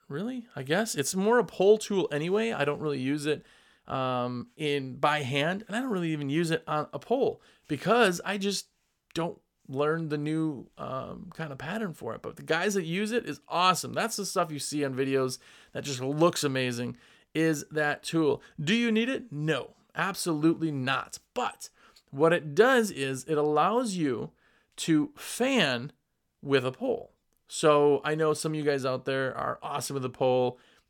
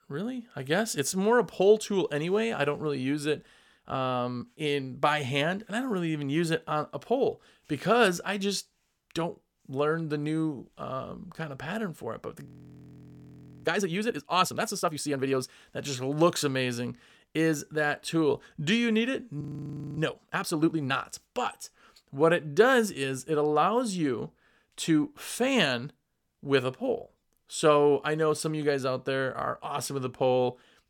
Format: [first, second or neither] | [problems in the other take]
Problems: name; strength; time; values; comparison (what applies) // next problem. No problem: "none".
first | audio freezing; at 12 s for 1 s and at 19 s for 0.5 s